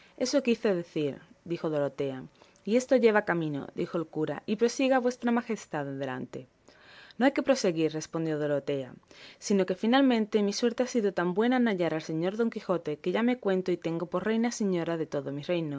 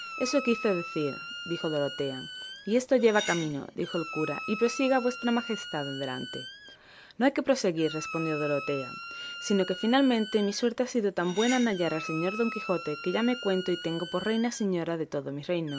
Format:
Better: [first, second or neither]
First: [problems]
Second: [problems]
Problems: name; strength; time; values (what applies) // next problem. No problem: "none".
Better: first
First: none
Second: background sound (Cutlery, silverware + Squeak); 11 dB below the speech